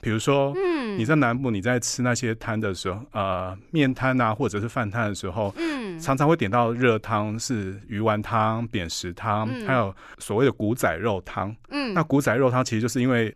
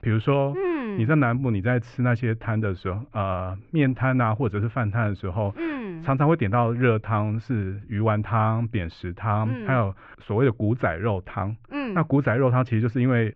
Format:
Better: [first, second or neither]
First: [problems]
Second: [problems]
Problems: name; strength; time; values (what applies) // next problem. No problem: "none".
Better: first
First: none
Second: muffled; very; fading above 2.5 kHz